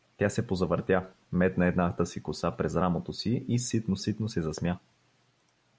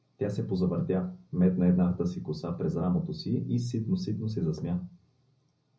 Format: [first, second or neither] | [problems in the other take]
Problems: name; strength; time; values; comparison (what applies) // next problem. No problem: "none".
first | room echo; dies away in 0.4 s